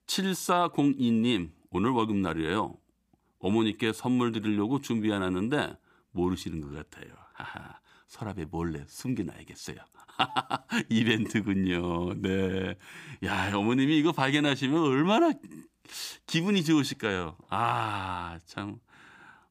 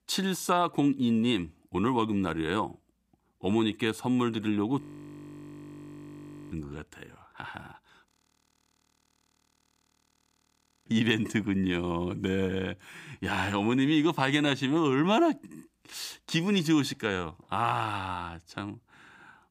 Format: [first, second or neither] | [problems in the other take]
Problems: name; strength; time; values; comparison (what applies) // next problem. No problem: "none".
first | audio freezing; at 5 s for 1.5 s and at 8 s for 3 s